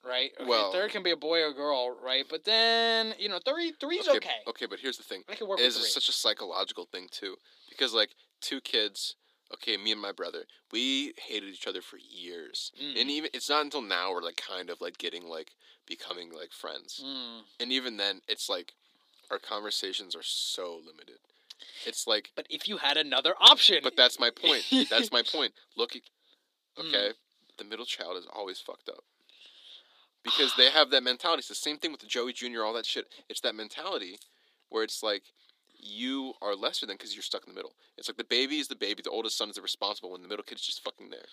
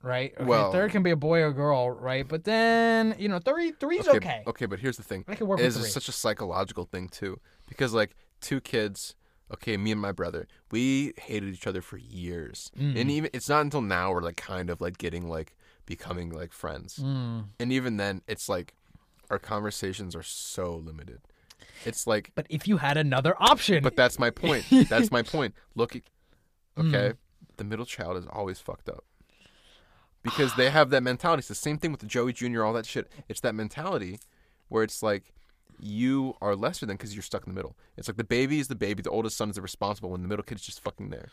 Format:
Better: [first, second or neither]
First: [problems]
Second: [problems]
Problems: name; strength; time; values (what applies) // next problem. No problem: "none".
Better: second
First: thin; somewhat; fading below 250 Hz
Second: none